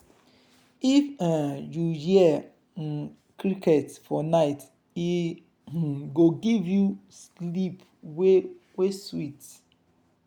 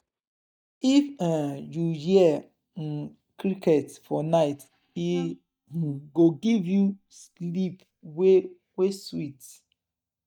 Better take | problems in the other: first | noise reduction (neural mask model DeepFilterNet 3)

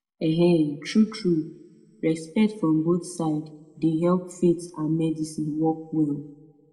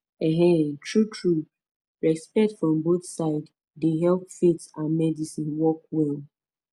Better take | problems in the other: second | room echo; dies away in 0.6 s

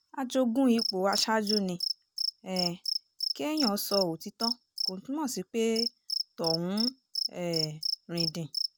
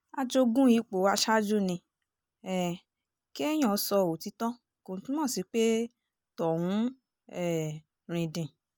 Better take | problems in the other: second | background sound (Cricket); 4 dB below the speech

